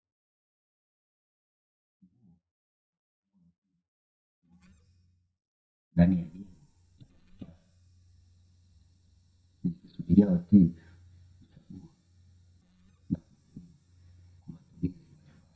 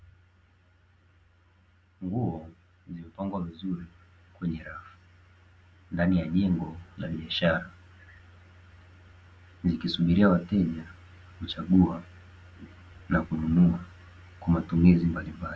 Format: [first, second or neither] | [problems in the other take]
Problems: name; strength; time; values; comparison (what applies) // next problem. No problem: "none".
second | noise reduction (neural mask model DeepFilterNet 3)